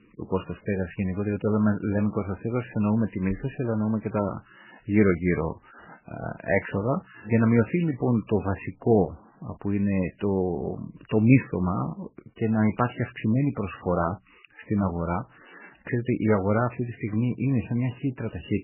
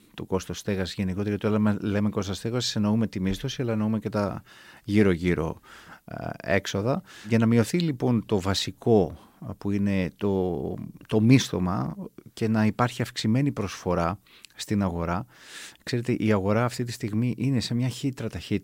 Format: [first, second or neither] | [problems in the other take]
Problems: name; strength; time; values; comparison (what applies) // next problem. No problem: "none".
second | garbled, watery; badly; nothing above 2.5 kHz